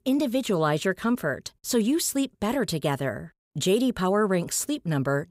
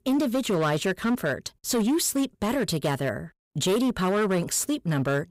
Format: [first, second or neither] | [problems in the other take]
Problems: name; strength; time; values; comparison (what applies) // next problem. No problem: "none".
first | distortion; slight; 13% of the sound clipped